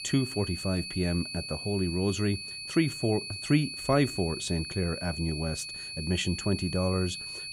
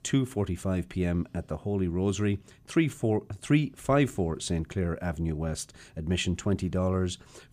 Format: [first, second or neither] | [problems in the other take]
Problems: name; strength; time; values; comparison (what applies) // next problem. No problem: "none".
second | high-pitched whine; loud; throughout; 4.5 kHz, 6 dB below the speech